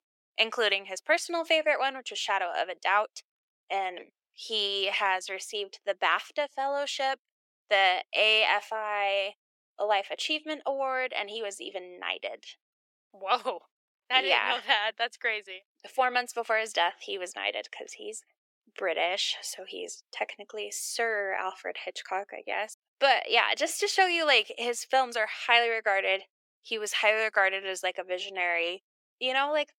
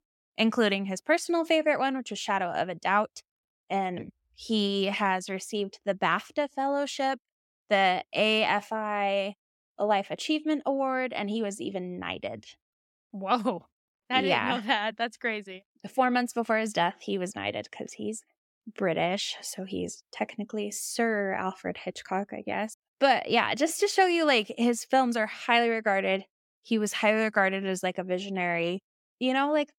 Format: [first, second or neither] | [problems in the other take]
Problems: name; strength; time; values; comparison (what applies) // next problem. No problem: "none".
second | thin; very; fading below 400 Hz